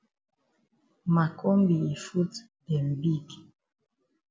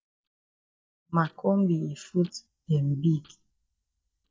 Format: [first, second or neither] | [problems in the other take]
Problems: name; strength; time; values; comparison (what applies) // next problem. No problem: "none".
first | noise reduction (neural mask model DeepFilterNet 3)